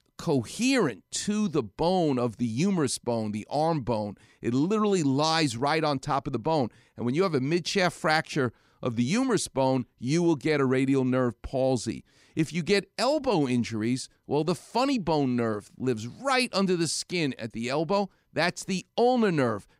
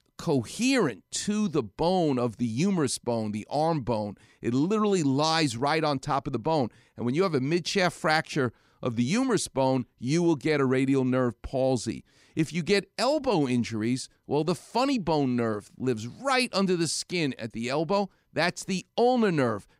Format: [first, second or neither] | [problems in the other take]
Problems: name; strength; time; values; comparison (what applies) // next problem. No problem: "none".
neither | none